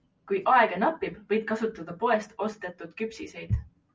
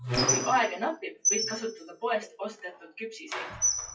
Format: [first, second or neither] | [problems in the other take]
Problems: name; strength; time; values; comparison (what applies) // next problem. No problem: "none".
first | noise reduction (classical method WPE with log-MMSE)